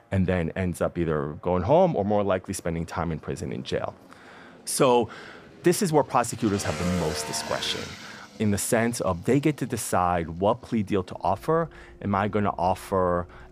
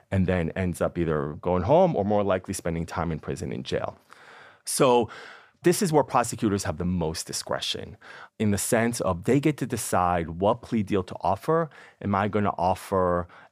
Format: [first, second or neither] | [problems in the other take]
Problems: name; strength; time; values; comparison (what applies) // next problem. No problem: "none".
second | traffic noise; noticeable; throughout; 15 dB below the speech